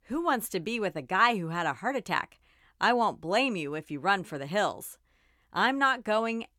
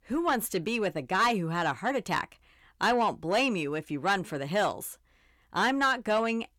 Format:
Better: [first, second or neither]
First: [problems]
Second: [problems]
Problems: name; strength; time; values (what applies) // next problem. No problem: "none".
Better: first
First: none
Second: distortion; slight; 10 dB below the speech